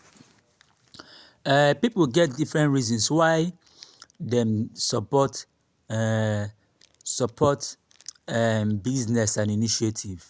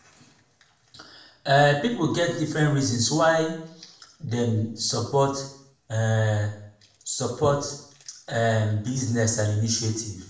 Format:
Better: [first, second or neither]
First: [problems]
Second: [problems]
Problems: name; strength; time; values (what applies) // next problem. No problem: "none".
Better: first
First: none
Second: room echo; dies away in 0.6 s